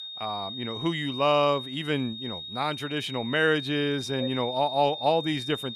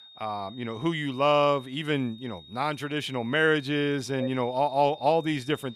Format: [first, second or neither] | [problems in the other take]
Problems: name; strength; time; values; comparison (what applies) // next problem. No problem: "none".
second | high-pitched whine; loud; throughout; 3.5 kHz, 8 dB below the speech; faint in the second